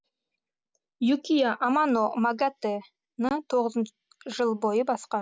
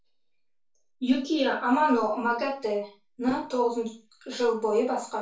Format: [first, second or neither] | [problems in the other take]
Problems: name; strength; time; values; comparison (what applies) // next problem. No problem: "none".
first | room echo; dies away in 0.3 s